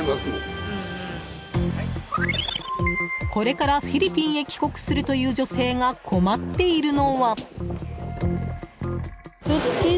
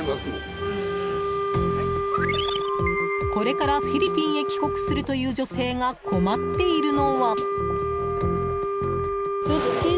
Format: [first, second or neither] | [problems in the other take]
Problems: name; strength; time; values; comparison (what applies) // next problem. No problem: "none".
first | background sound (Wind instrument, woodwind instrument); as loud as the speech